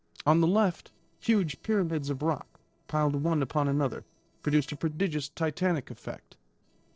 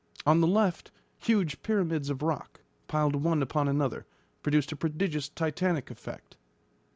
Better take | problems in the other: second | noise reduction (neural separator model SepFormer DNS4)

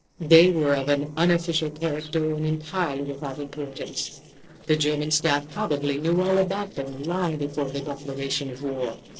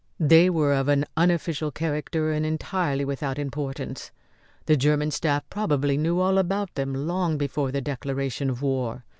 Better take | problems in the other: second | noise reduction (neural separator model SepFormer DNS4)

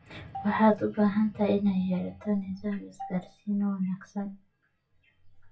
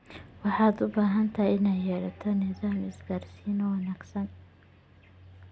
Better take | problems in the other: second | noise reduction (classical method WPE with log-MMSE)

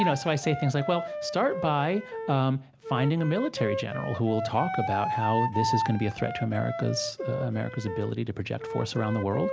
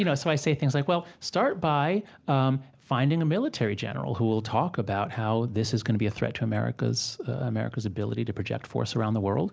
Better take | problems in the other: second | background sound (Wind instrument, woodwind instrument); 5 dB below the speech

